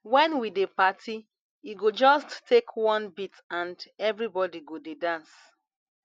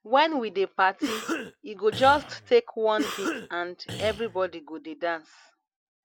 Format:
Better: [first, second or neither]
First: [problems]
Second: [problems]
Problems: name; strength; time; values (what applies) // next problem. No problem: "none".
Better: first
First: none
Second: background sound (Cough); 8 dB below the speech